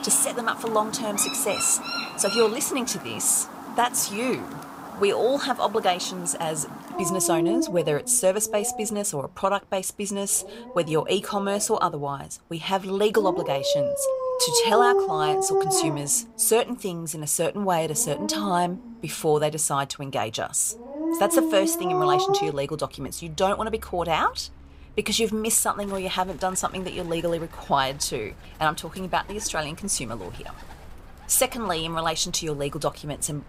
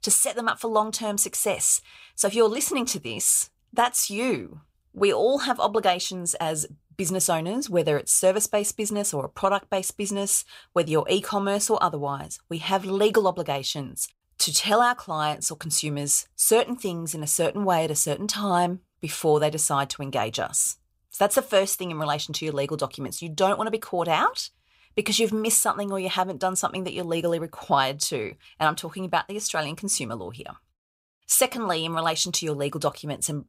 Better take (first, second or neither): second